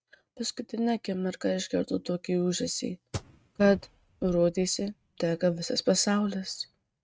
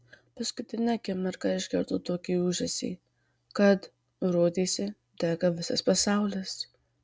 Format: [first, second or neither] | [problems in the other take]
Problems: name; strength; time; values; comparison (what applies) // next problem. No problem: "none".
second | noise reduction (neural mask model RNNoise)